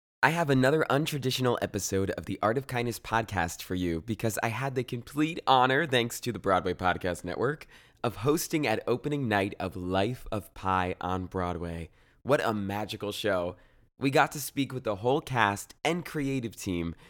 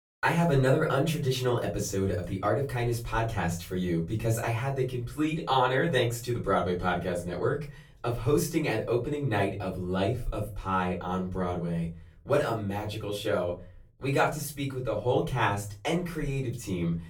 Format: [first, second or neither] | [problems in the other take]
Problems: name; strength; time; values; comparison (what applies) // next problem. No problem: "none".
first | off-mic speech; far // room echo; slight; dies away in 0.3 s